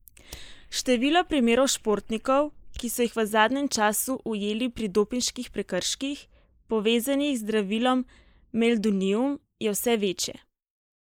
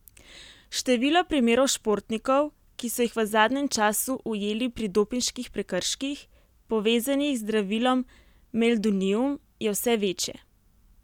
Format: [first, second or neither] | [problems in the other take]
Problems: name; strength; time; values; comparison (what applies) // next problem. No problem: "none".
second | noise reduction (neural mask model Resemble Enhance denoiser)